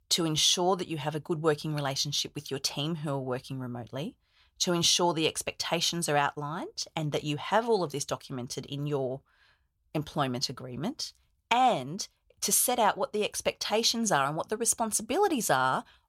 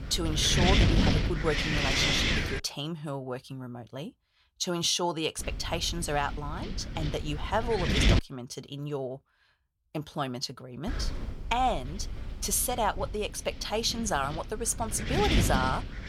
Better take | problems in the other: first | wind noise on the microphone; heavy; until 2.5 s, from 5.5 to 8 s and from 11 s on; 1 dB above the speech

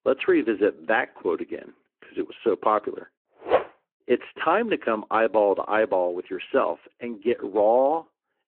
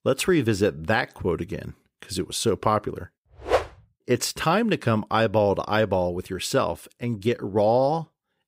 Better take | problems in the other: second | phone-call audio

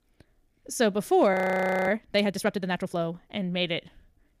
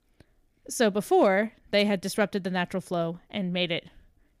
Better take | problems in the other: second | audio freezing; at 1.5 s for 0.5 s

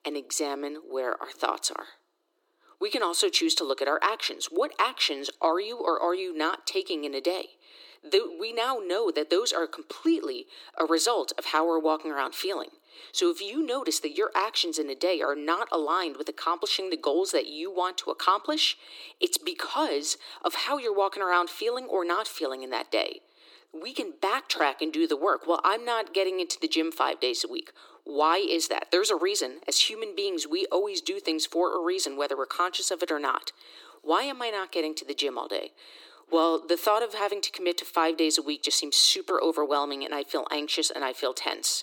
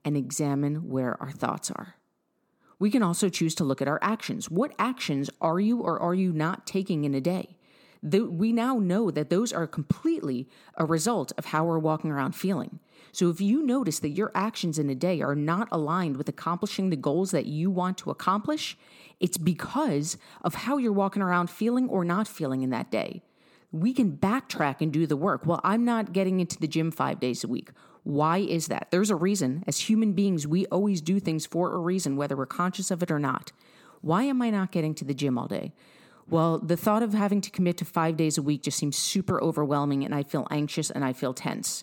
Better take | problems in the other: second | thin; very; fading below 300 Hz

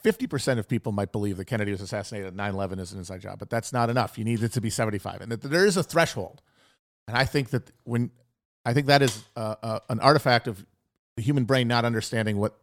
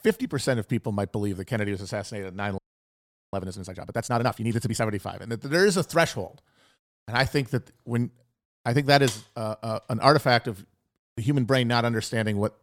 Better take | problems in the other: first | audio freezing; at 2.5 s for 1 s

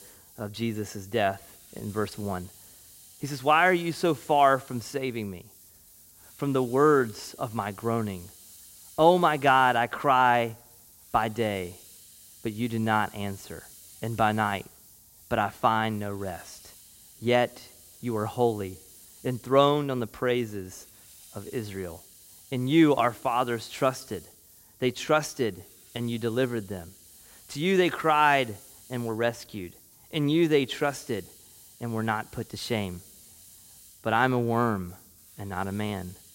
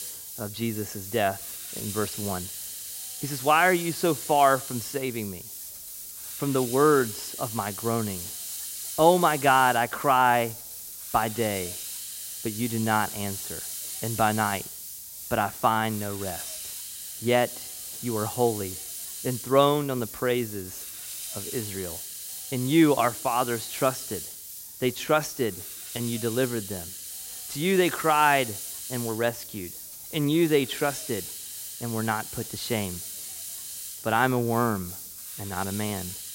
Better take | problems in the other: first | hiss; loud; throughout; 9 dB below the speech; faint in the first

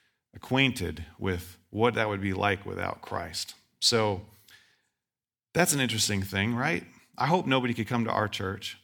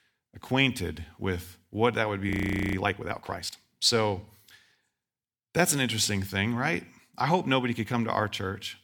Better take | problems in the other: first | audio freezing; at 2.5 s

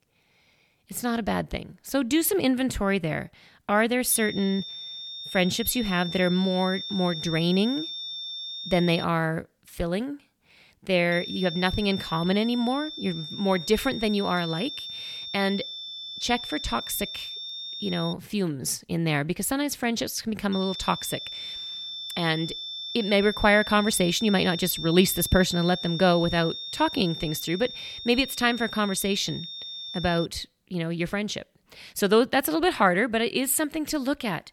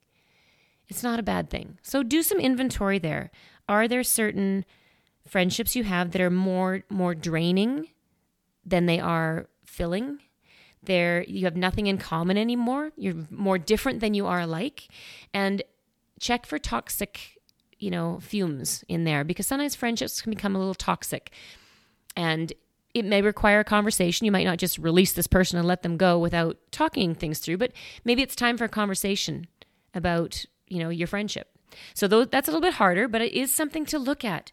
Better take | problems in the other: second | high-pitched whine; loud; from 4 to 9 s, from 11 to 18 s and from 21 to 30 s; 3.5 kHz, 8 dB below the speech

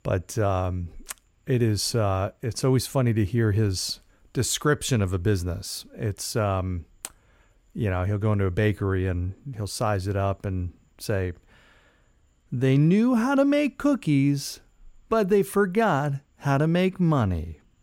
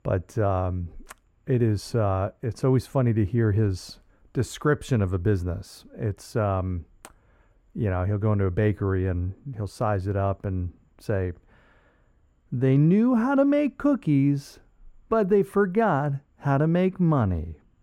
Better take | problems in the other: first | muffled; slightly; fading above 2.5 kHz

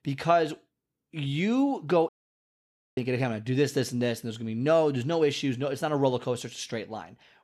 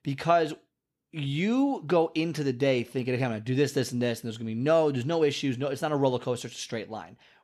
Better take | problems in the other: second | audio cutting out; at 2 s for 1 s

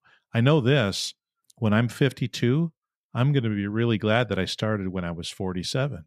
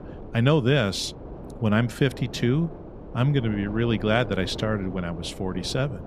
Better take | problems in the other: first | wind noise on the microphone; occasional gusts; 15 dB below the speech

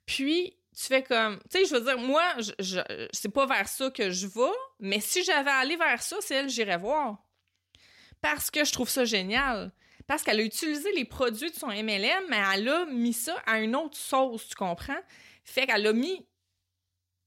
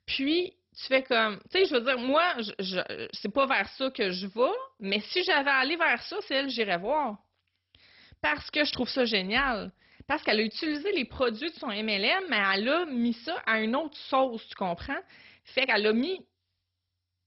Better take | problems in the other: first | garbled, watery; badly; nothing above 5.5 kHz

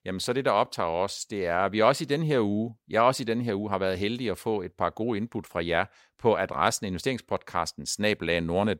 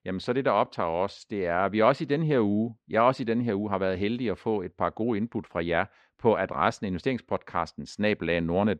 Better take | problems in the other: first | muffled; slightly; fading above 3 kHz

